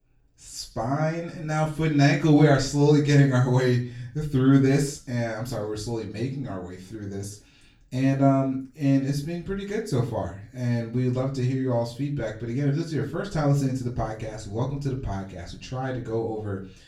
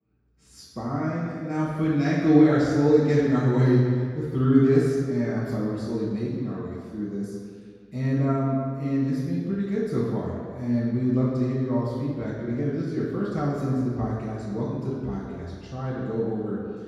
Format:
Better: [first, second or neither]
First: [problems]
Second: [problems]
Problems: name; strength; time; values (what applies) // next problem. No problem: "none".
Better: first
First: room echo; slight; dies away in 0.3 s // off-mic speech; far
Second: room echo; strong; dies away in 2 s // off-mic speech; far